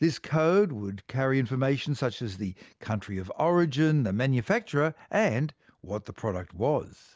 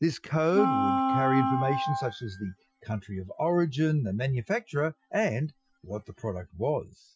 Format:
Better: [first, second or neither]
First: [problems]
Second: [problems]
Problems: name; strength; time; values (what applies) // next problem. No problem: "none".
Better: first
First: none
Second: noise reduction (classical method Wiener filter)